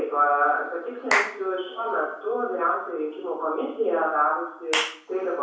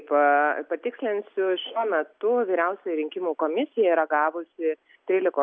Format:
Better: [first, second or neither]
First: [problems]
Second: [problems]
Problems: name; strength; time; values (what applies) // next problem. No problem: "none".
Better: second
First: background sound (Clapping / Chirp, tweet); 7 dB below the speech // room echo; dies away in 0.7 s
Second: none